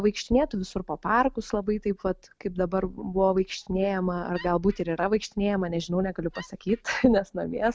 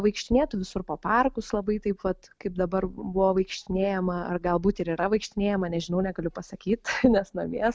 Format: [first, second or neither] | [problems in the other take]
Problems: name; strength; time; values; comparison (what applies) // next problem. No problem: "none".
second | background sound (Wood); 20 dB below the speech